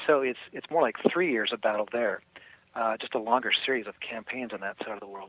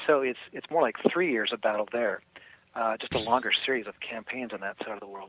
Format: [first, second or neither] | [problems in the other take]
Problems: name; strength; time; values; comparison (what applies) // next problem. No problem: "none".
first | background sound (Thump, thud); 15 dB below the speech